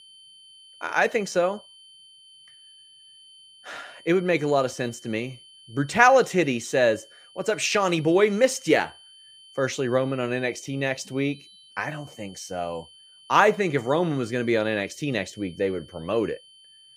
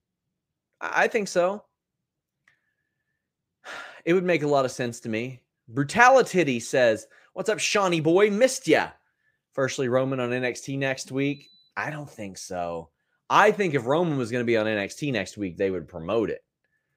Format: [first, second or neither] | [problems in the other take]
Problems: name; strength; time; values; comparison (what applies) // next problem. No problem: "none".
second | high-pitched whine; faint; throughout; 3 kHz, 25 dB below the speech